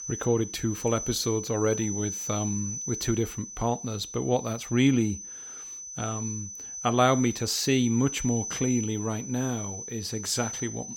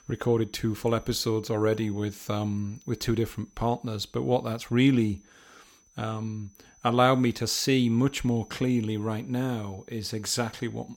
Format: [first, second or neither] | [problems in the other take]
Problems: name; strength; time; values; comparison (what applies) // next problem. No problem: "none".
second | high-pitched whine; loud; throughout; 6 kHz, 7 dB below the speech; faint in the second